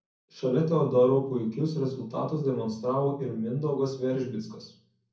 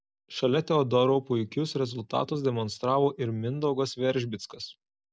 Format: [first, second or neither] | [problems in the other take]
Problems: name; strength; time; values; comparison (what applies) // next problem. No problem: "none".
second | room echo; dies away in 0.6 s